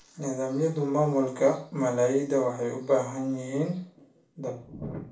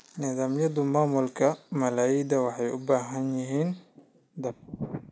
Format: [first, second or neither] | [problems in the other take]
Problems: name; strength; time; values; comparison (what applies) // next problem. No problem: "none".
second | room echo; dies away in 0.3 s